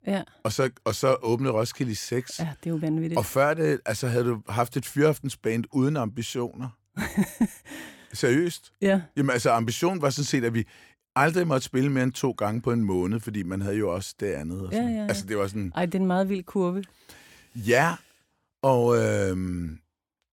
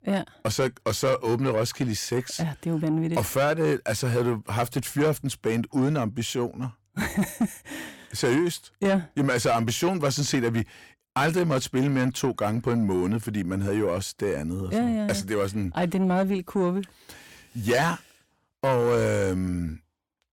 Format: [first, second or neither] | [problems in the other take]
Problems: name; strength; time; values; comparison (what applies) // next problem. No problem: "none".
first | distortion; slight; 10 dB below the speech